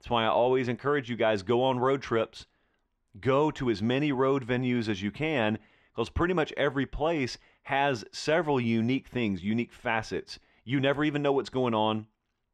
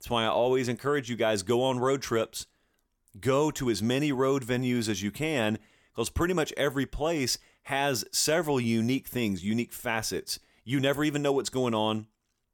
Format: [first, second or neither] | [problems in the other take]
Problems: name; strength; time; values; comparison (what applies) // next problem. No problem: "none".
second | muffled; slightly; fading above 2.5 kHz